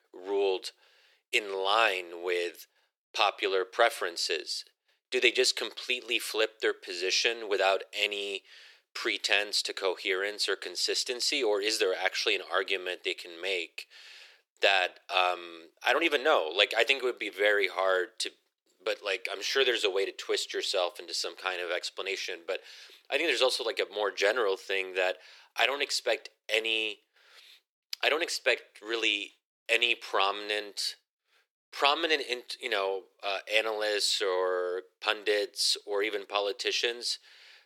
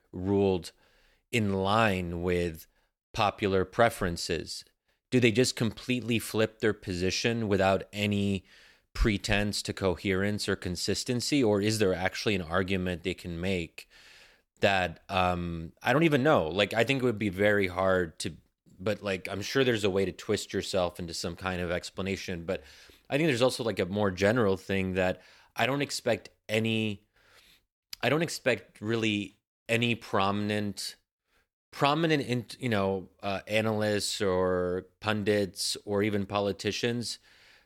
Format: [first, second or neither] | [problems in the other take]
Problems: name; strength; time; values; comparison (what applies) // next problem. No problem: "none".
second | thin; very; fading below 350 Hz